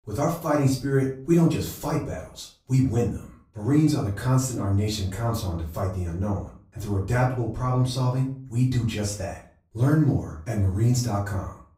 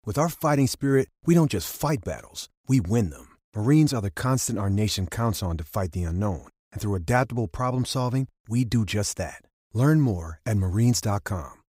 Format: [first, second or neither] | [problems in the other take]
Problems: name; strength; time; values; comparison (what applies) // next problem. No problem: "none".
second | off-mic speech; far // room echo; slight; dies away in 0.4 s